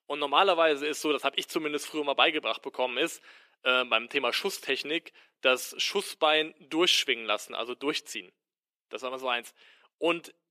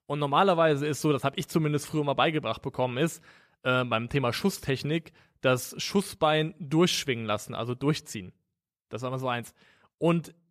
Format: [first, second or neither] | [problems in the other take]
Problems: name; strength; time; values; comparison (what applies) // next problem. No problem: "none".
second | thin; somewhat; fading below 300 Hz